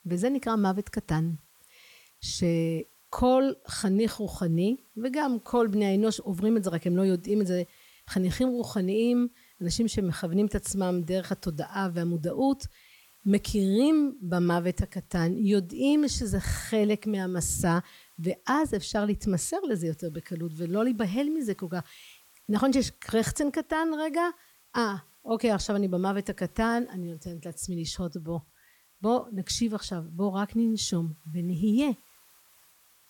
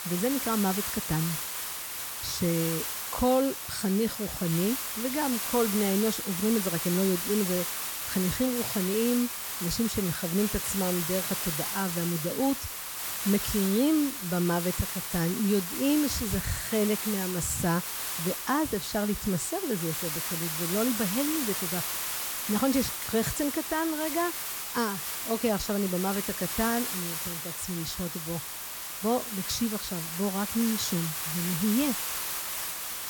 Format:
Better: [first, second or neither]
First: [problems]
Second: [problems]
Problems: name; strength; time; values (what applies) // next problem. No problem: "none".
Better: first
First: hiss; faint; throughout; 30 dB below the speech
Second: hiss; loud; throughout; 2 dB below the speech